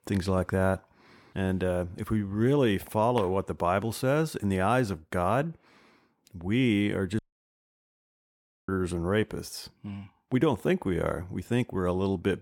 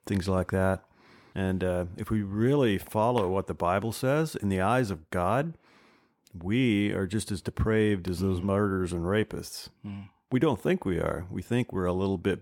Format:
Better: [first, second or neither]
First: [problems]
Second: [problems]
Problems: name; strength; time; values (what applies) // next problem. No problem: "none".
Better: second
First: audio cutting out; at 7 s for 1.5 s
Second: none